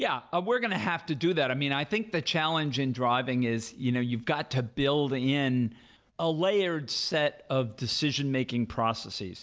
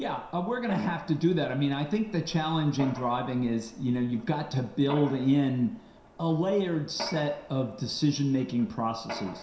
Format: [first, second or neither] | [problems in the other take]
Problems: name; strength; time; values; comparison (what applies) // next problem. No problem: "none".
first | background sound (Mechanisms); 16 dB below the speech // room echo; dies away in 0.7 s